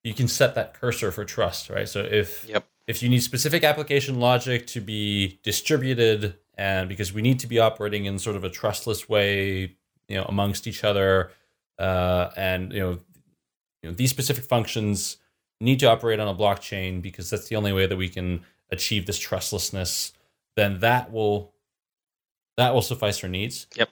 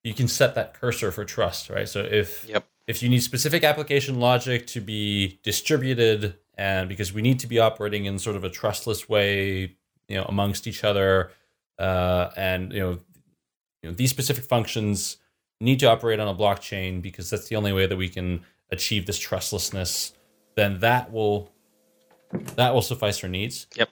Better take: first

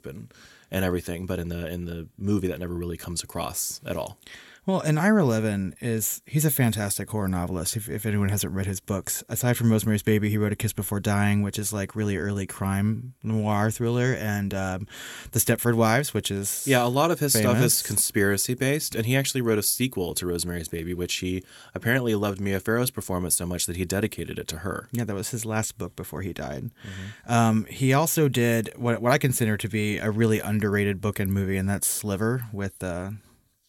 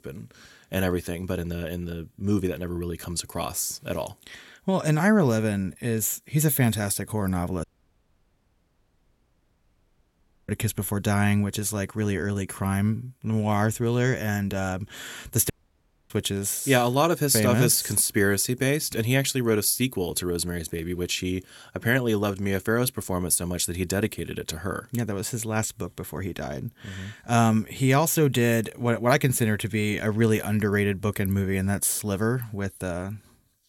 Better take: first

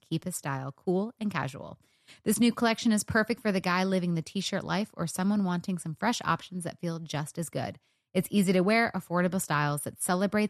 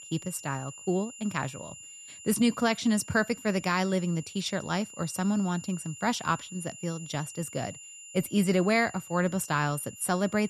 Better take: first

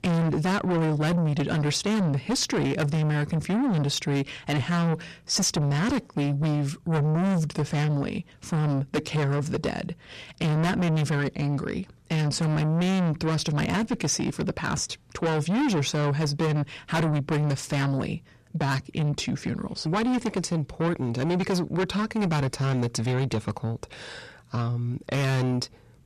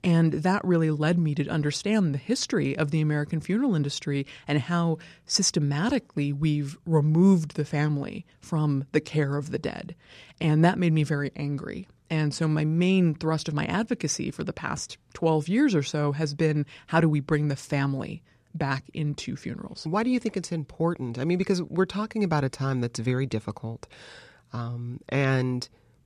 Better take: second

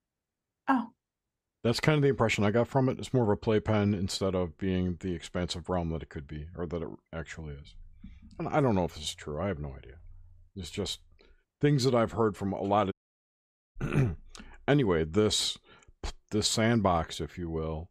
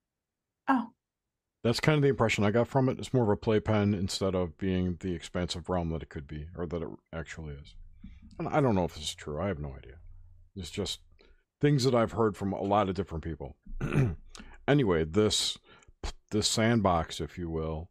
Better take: second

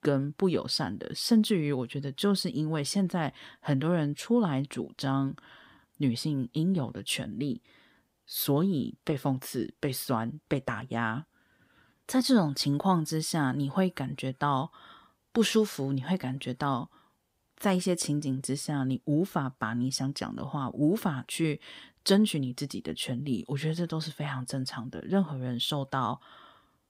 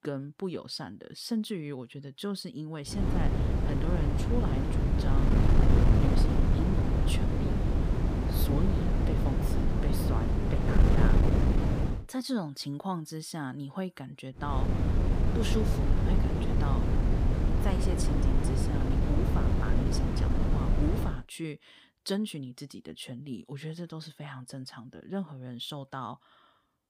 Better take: first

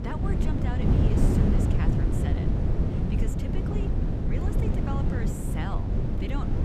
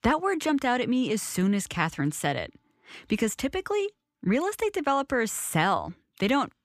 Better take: second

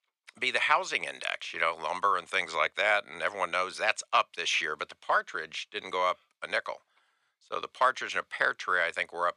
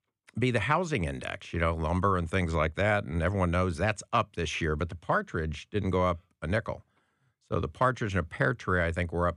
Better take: second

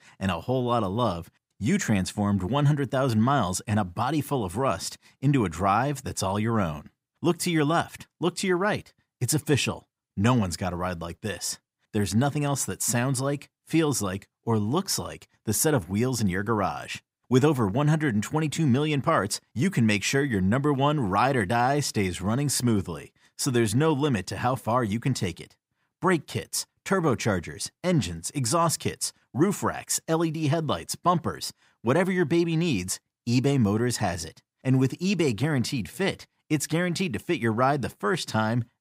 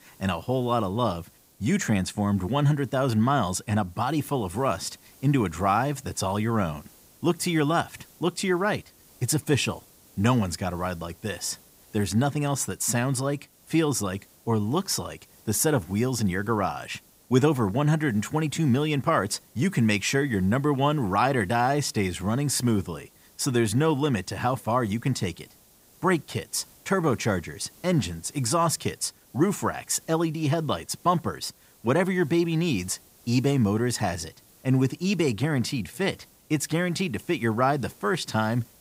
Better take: first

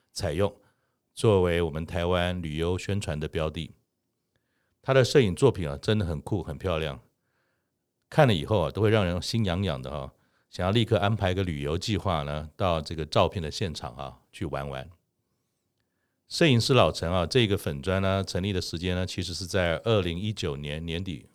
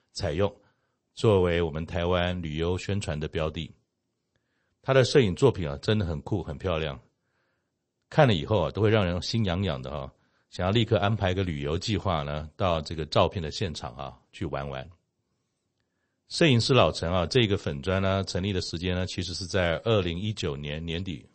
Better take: first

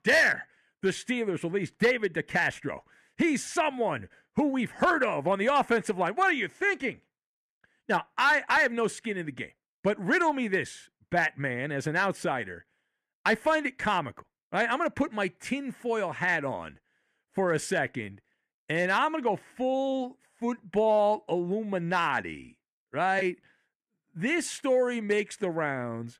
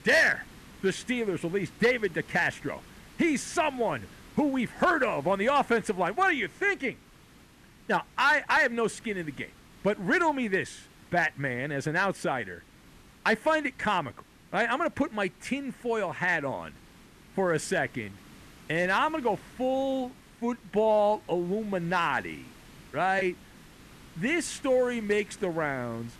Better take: first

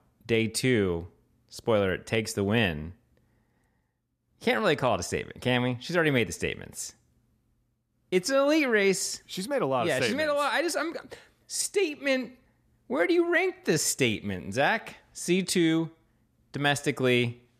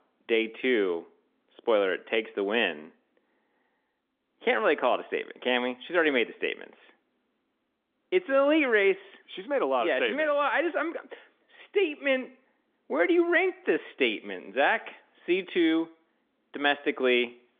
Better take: first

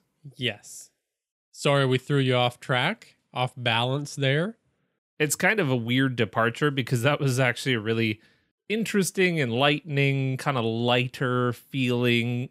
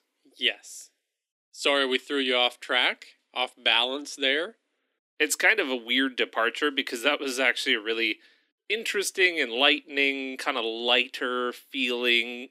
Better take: first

